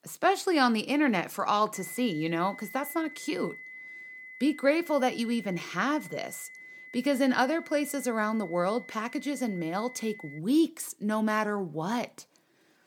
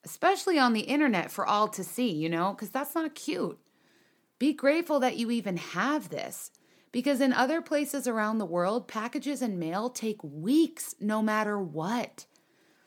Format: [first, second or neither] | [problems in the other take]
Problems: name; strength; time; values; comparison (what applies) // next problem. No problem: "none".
second | high-pitched whine; noticeable; from 1.5 to 10 s; 2 kHz, 15 dB below the speech